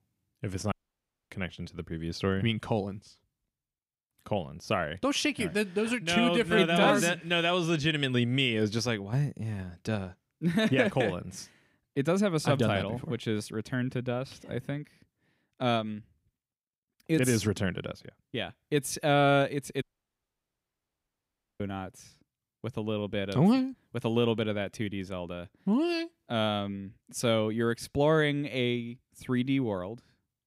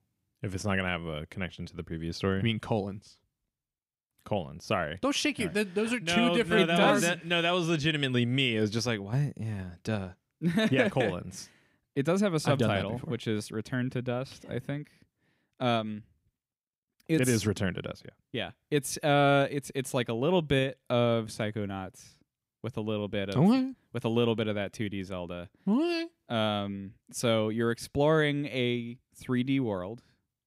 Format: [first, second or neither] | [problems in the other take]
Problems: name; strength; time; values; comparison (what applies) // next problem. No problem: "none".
second | audio cutting out; at 0.5 s for 0.5 s and at 20 s for 2 s